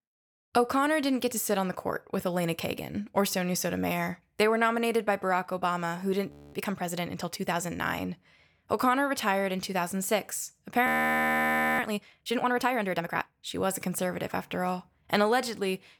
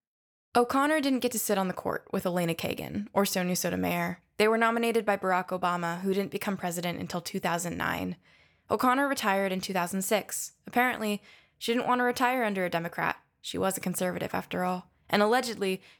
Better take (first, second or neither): second